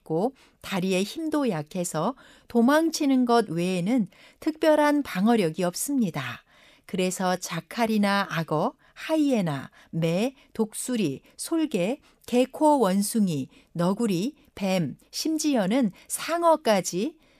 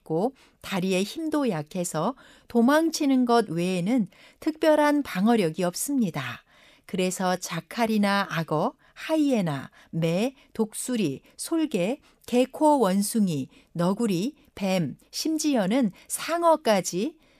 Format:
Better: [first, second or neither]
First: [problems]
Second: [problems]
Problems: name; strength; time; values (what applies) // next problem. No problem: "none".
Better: neither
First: none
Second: none